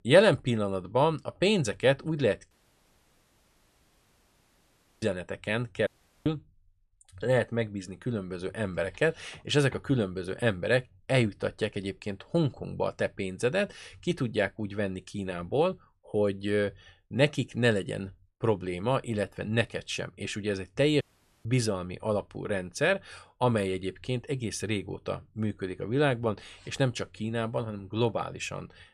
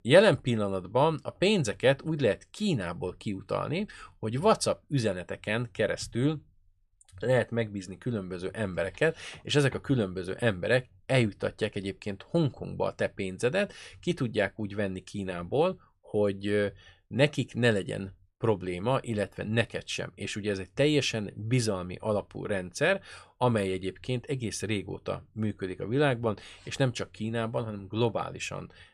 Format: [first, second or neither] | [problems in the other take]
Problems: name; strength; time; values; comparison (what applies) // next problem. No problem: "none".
second | audio cutting out; at 2.5 s for 2.5 s, at 6 s and at 21 s